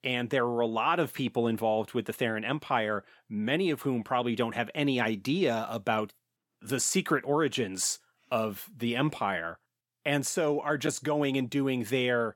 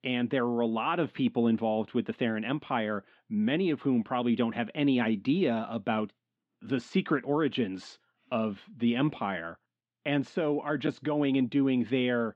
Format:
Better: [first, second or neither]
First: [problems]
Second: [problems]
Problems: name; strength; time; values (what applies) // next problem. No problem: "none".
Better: first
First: none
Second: muffled; very; fading above 3.5 kHz